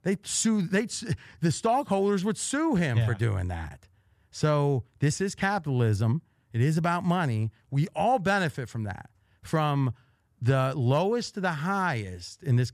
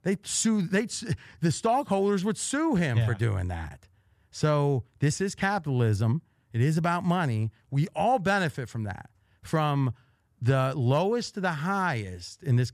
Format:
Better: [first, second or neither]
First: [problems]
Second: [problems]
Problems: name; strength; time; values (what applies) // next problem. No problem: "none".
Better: neither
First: none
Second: none